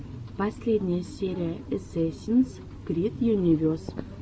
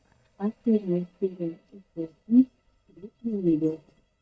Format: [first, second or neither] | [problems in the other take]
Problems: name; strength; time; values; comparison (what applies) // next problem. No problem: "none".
first | noise reduction (neural mask model DeepFilterNet 3)